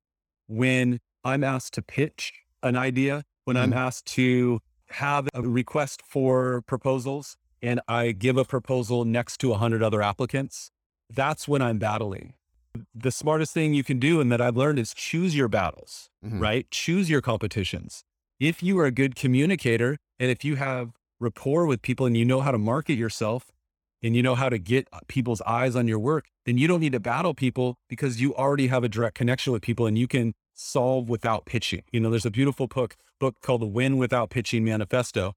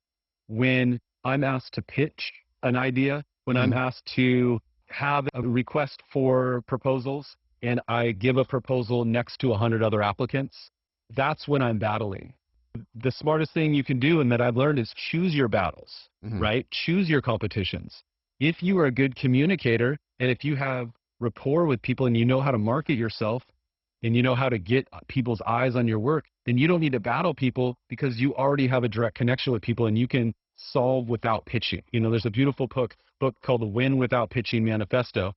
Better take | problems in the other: first | garbled, watery; badly; nothing above 5.5 kHz

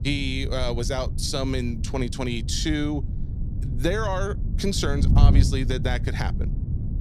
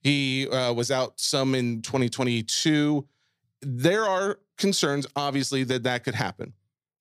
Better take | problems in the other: second | wind noise on the microphone; occasional gusts; 10 dB below the speech

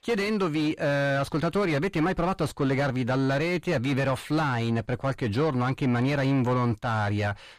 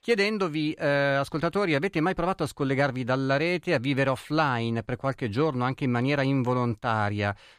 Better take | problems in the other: second | distortion; heavy; 7 dB below the speech

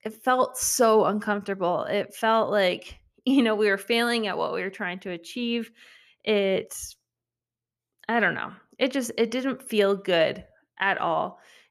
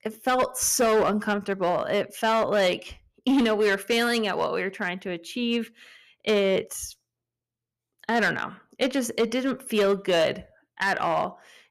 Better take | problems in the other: first | distortion; slight; 6% of the sound clipped

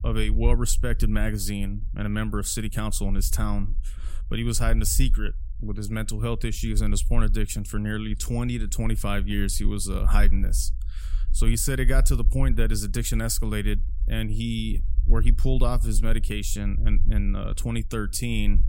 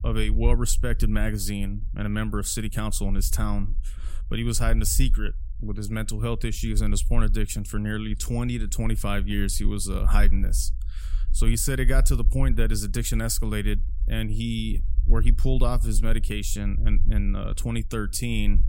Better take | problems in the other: neither | low rumble; faint; throughout; 20 dB below the speech; the same in both

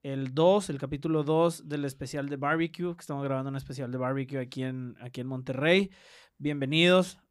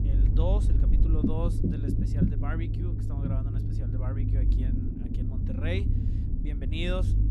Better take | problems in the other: first | low rumble; loud; throughout; 1 dB below the speech

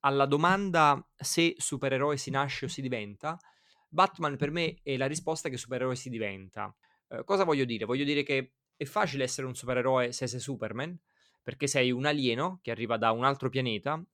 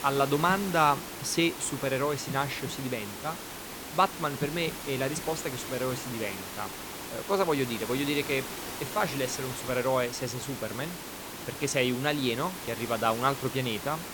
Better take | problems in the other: first | hiss; loud; throughout; 8 dB below the speech

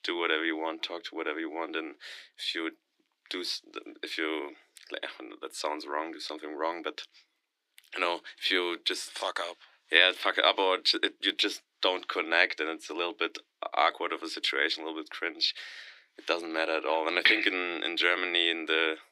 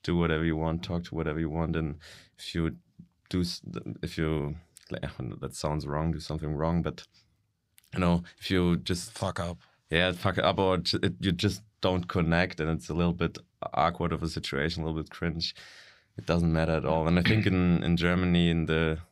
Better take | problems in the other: second | thin; very; fading below 300 Hz

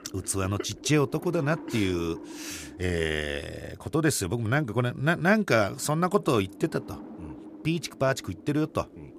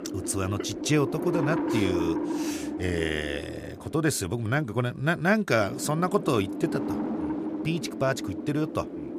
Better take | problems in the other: first | wind noise on the microphone; heavy; 6 dB below the speech; occasional gusts in the first

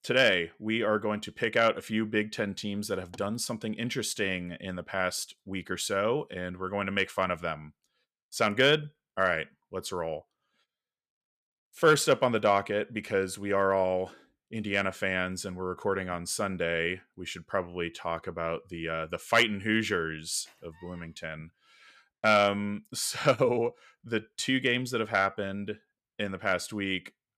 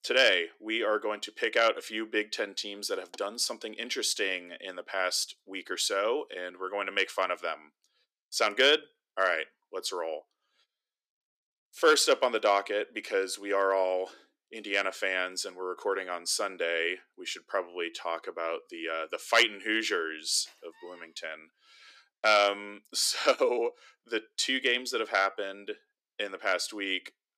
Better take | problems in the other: first | thin; somewhat; fading below 300 Hz

